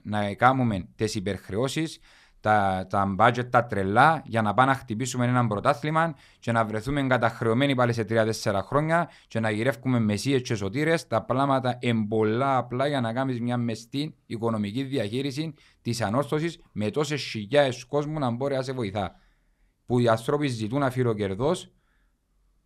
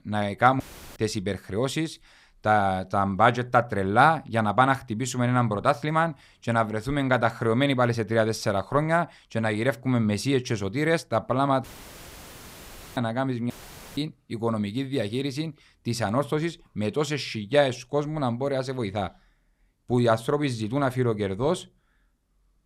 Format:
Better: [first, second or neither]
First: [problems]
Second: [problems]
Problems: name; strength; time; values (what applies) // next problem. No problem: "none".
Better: first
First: none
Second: audio cutting out; filled with static; at 0.5 s, at 12 s for 1.5 s and at 14 s